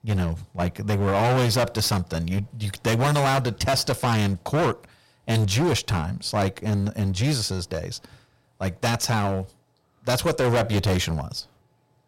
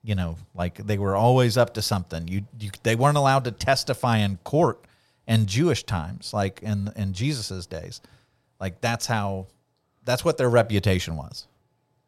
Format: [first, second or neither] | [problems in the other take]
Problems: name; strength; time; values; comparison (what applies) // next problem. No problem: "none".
second | distortion; heavy; 17% of the sound clipped